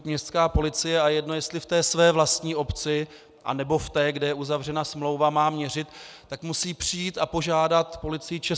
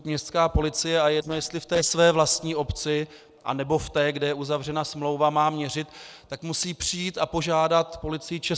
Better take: first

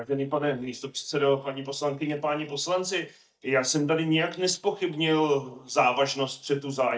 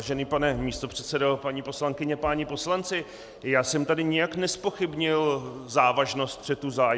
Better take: second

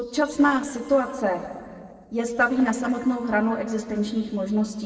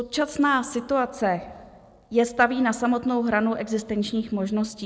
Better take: second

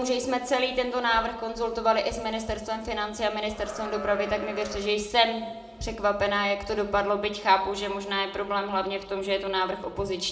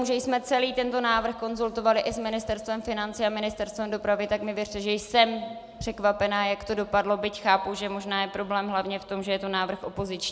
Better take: second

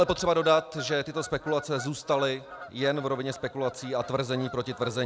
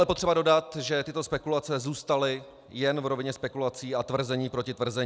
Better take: second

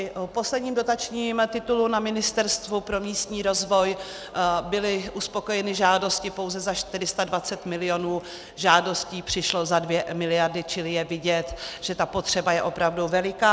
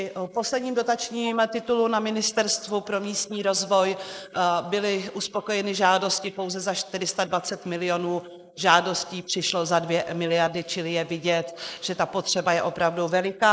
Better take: first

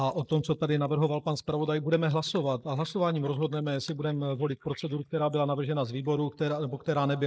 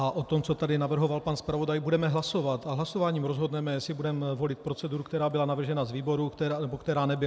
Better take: second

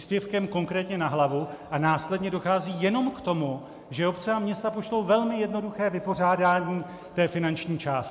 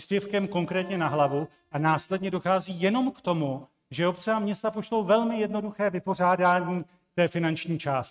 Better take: first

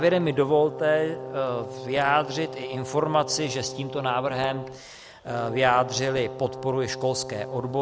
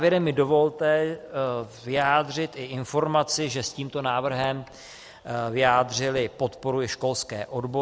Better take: second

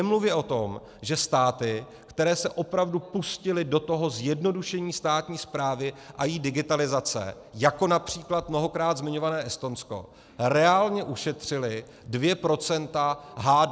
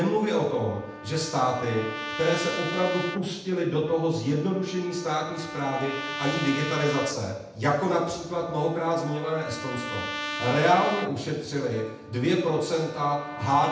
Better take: first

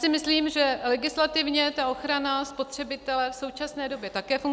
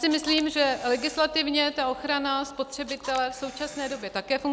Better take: first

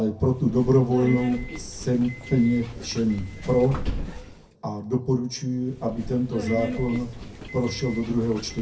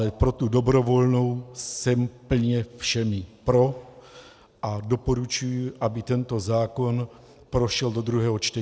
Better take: second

